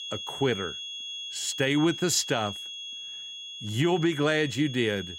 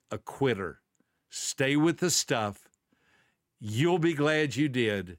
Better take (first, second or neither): second